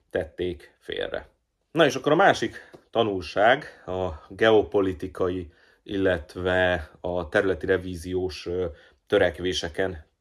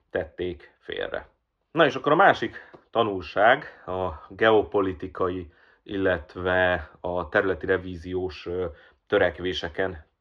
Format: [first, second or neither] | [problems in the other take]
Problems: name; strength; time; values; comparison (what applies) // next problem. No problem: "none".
first | muffled; slightly; fading above 3 kHz